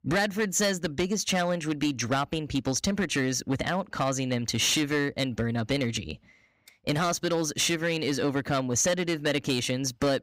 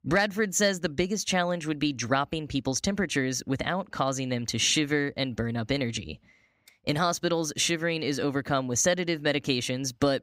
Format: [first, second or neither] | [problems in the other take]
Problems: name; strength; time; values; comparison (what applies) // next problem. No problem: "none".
second | distortion; slight; 8% of the sound clipped